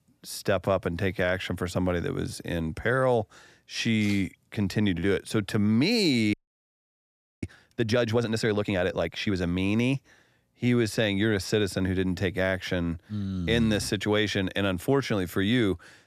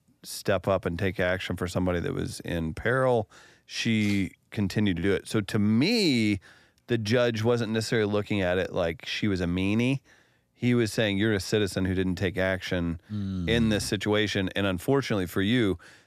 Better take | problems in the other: second | audio freezing; at 6.5 s for 1 s

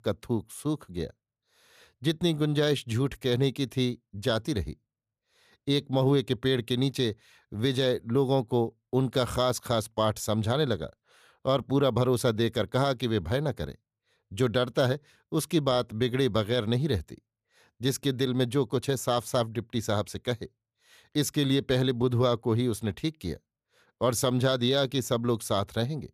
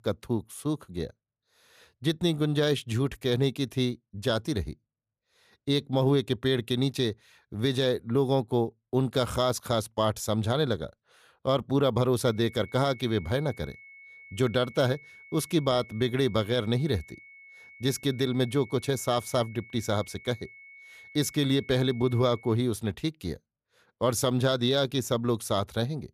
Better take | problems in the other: first | high-pitched whine; faint; from 12 to 23 s; 2 kHz, 20 dB below the speech

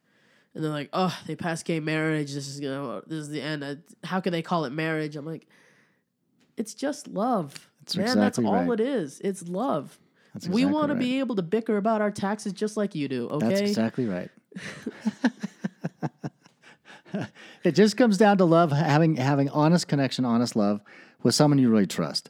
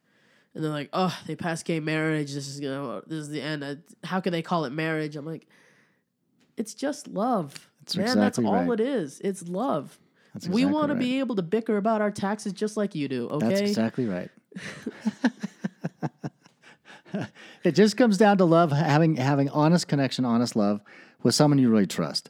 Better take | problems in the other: neither | none

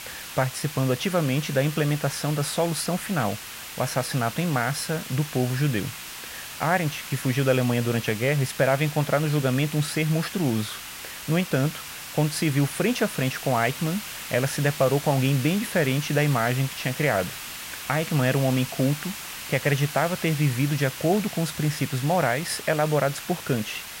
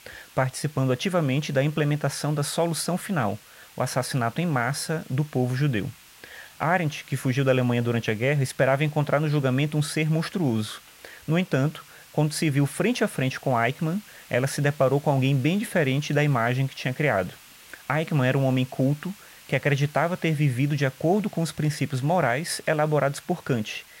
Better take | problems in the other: second | hiss; loud; throughout; 10 dB below the speech; faint in the second

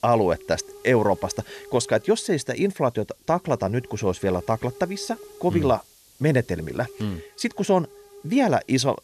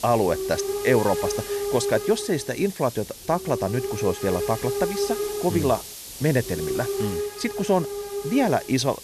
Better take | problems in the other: first | hiss; loud; throughout; 5 dB below the speech; faint in the first

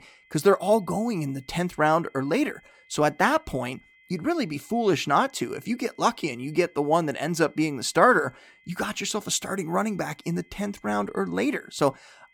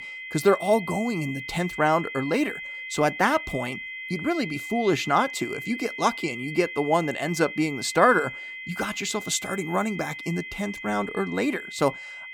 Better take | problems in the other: first | high-pitched whine; loud; throughout; 2 kHz, 9 dB below the speech; faint in the first

